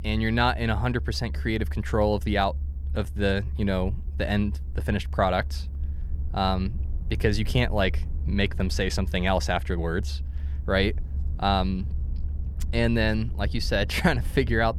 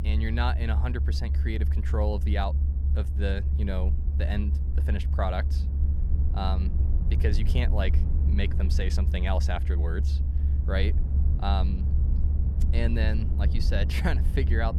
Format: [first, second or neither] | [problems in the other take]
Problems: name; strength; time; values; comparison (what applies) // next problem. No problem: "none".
first | low rumble; loud; throughout; 9 dB below the speech; faint in the first